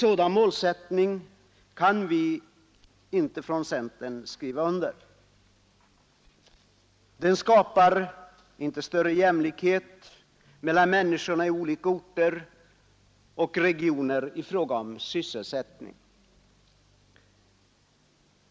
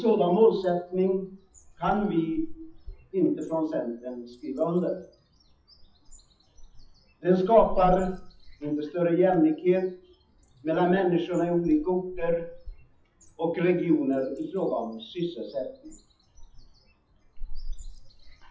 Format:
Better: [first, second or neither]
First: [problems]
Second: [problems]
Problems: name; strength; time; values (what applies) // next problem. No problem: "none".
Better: first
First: none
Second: noise reduction (classical method WPE with log-MMSE)